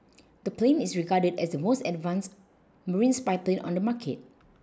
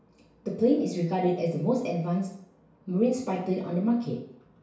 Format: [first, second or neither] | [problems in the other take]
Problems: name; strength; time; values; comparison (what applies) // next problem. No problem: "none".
first | room echo; dies away in 0.6 s